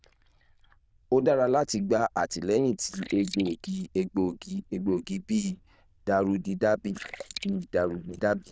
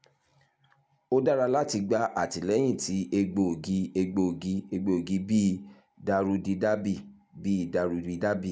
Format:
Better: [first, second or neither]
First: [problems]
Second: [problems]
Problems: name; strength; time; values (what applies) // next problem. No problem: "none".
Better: second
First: noise reduction (neural diffusion model UNIVERSE++)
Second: none